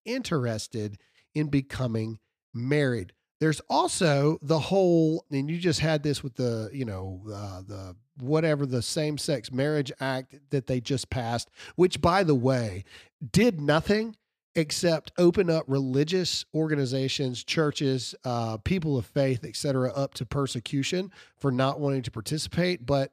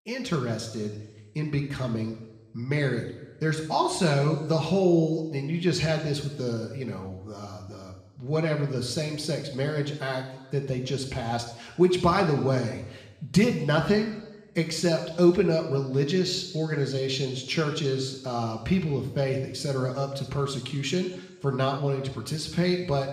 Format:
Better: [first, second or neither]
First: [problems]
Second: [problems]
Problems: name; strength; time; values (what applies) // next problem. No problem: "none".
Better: first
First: none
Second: room echo; noticeable; dies away in 1 s // off-mic speech; somewhat distant